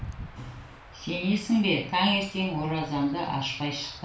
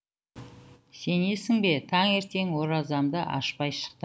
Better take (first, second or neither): second